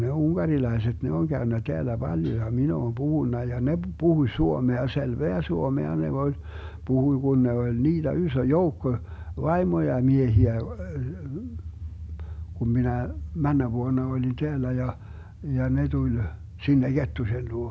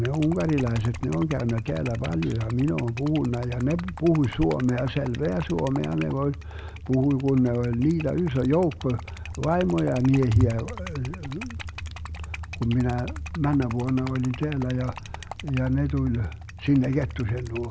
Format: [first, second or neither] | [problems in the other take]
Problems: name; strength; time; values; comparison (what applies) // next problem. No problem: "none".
first | background sound (Liquid); 17 dB below the speech